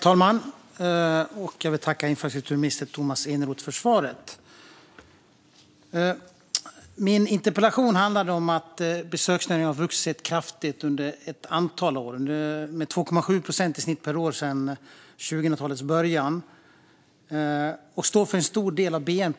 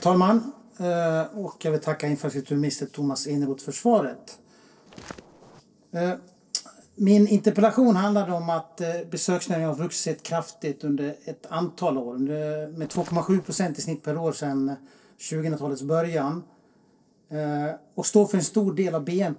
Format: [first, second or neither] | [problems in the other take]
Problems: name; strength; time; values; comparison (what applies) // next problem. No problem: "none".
first | noise reduction (neural separator model SepFormer DNS4)